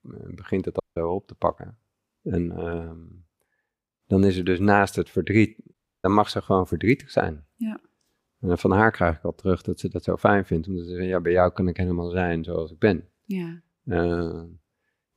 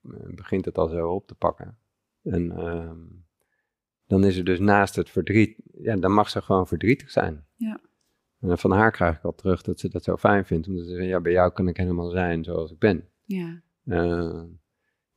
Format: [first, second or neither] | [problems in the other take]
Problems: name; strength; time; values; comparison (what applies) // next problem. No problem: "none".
second | audio cutting out; at 1 s and at 5.5 s